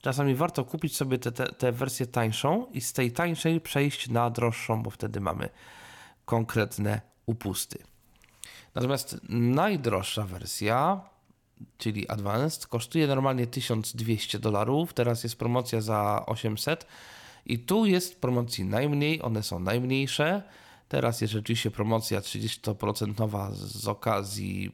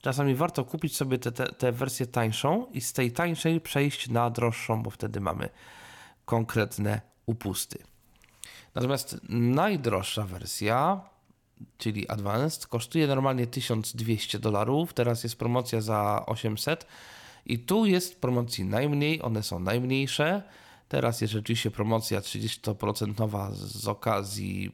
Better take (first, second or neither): neither